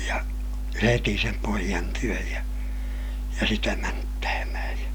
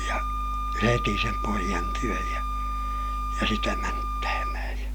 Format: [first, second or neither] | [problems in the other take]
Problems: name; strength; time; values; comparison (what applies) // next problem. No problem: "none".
first | background sound (Wind instrument, woodwind instrument); 5 dB below the speech